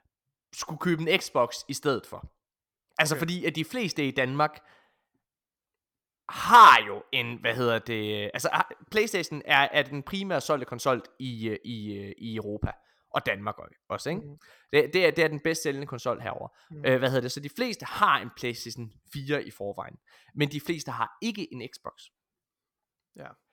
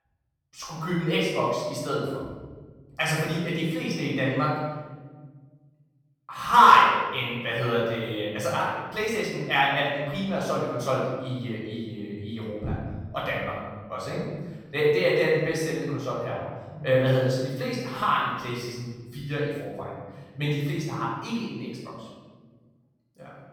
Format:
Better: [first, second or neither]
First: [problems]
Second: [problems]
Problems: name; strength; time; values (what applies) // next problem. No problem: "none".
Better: first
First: none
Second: off-mic speech; far // room echo; strong; dies away in 1.3 s